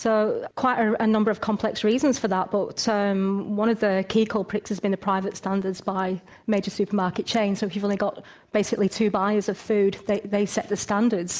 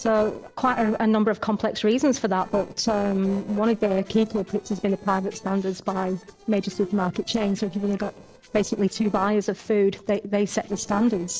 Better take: first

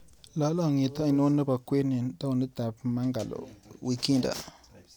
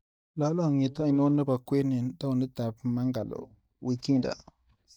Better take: first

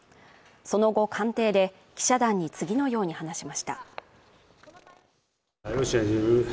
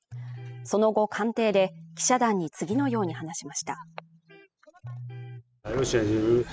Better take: first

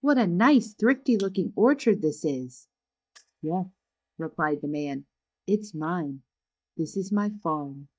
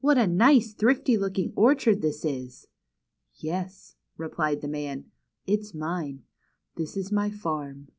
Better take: second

